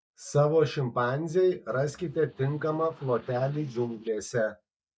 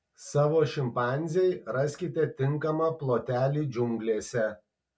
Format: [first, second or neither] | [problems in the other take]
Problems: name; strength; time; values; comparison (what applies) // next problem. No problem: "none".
second | noise reduction (neural mask model DeepFilterNet 3)